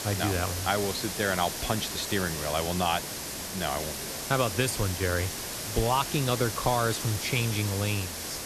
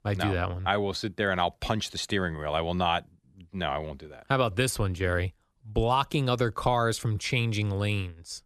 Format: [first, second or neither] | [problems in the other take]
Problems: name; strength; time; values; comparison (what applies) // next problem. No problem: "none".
second | hiss; loud; throughout; 4 dB below the speech